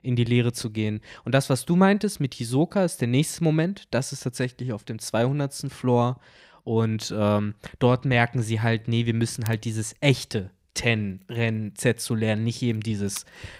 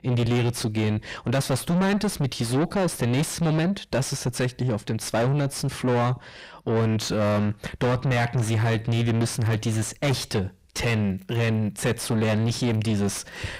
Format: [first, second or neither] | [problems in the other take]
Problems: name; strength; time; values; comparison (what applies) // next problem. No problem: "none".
first | distortion; heavy; 5 dB below the speech